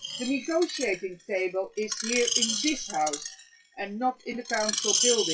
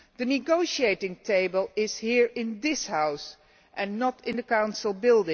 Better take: second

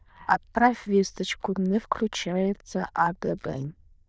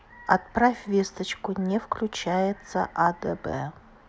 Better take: second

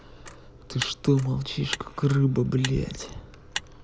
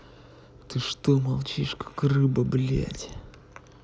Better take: second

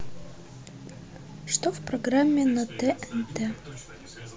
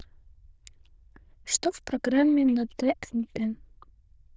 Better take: first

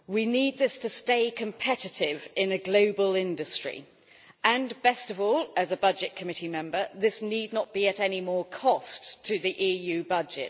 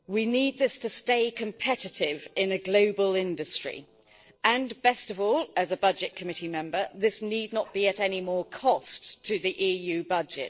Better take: first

